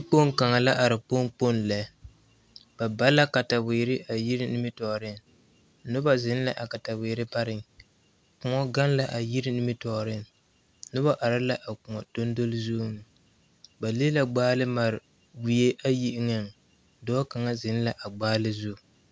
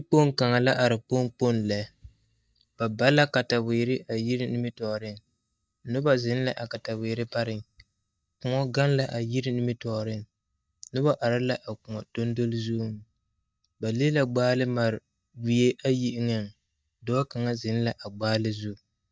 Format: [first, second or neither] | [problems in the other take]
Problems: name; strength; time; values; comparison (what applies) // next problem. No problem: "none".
first | noise reduction (neural mask model DeepFilterNet 3)